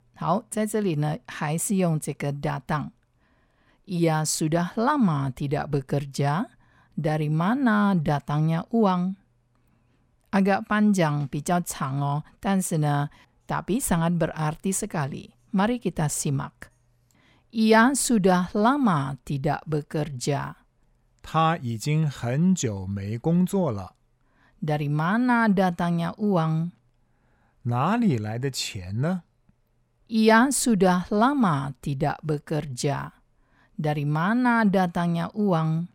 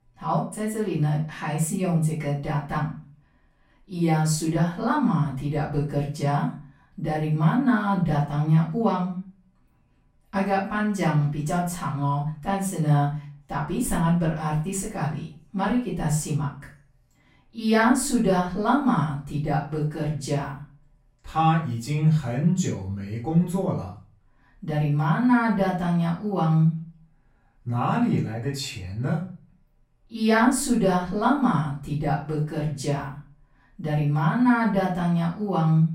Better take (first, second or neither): first